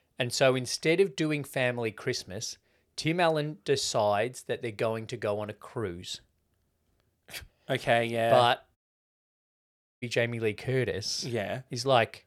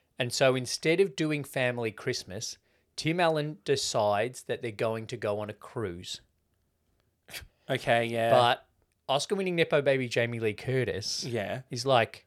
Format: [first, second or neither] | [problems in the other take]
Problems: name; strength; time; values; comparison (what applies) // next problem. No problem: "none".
second | audio cutting out; at 9 s for 1.5 s